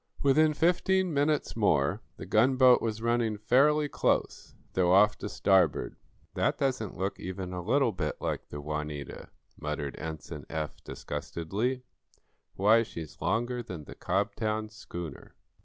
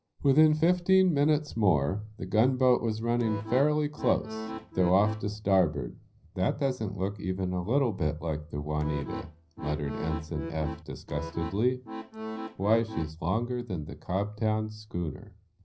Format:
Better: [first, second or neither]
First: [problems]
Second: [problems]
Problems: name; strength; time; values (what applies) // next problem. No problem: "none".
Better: first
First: none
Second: background sound (Accordion); 10 dB below the speech // room echo; dies away in 0.4 s